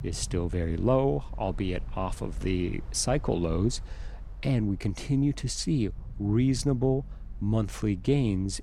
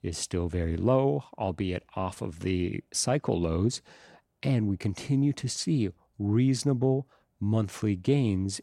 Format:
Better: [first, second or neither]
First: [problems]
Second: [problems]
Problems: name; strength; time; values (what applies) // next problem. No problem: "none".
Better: second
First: low rumble; faint; throughout; 25 dB below the speech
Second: none